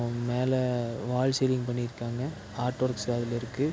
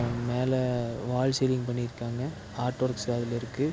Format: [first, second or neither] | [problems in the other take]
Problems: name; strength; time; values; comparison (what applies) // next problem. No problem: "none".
first | background sound (Boom); 17 dB below the speech